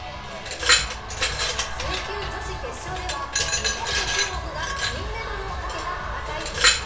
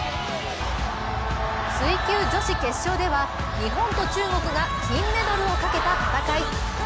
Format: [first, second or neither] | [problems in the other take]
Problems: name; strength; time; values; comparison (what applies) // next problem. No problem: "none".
second | background sound (Glass); 4 dB above the speech // room echo; dies away in 2.5 s